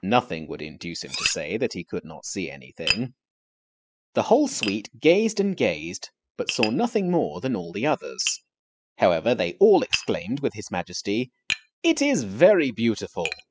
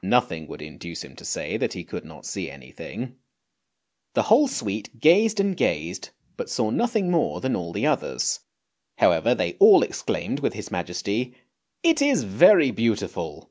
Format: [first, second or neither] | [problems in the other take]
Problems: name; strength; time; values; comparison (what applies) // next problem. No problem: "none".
second | noise reduction (classical method spectral subtraction)